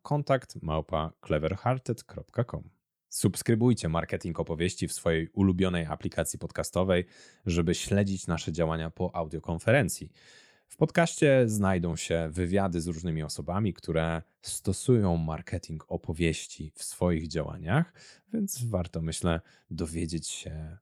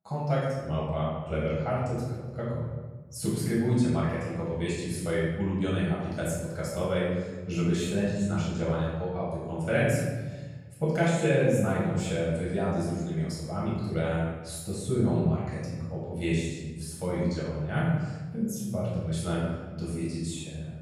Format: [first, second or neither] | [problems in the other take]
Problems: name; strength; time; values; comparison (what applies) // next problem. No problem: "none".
first | off-mic speech; far // room echo; strong; dies away in 1.2 s